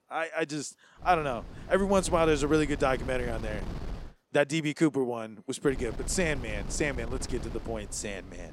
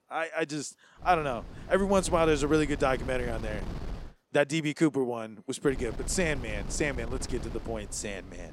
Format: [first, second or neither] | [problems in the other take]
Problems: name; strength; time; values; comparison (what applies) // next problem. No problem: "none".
neither | wind noise on the microphone; occasional gusts; from 1 to 4 s and from 5.5 s on; 15 dB below the speech; the same in both